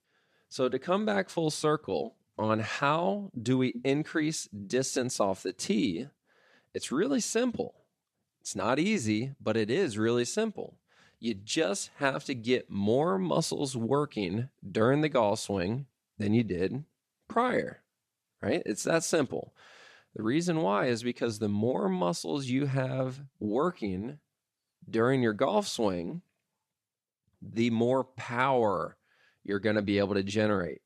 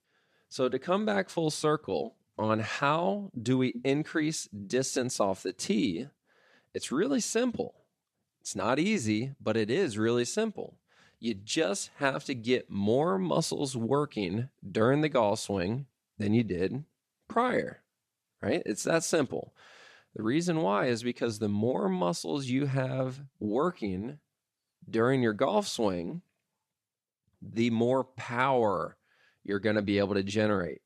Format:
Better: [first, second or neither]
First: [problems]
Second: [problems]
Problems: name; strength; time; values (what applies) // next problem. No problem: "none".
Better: neither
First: none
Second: none